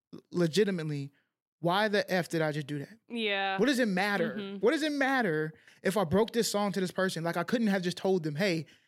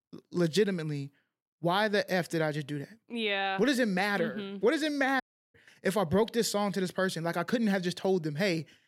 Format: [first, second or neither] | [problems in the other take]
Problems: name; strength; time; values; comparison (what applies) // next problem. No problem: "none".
first | audio cutting out; at 5 s